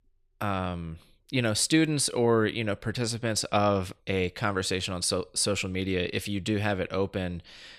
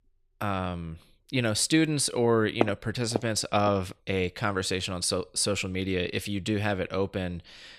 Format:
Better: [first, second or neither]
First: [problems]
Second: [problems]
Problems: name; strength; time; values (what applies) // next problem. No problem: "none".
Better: first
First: none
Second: footsteps; noticeable; from 2.5 to 3.5 s; peak 3 dB below the speech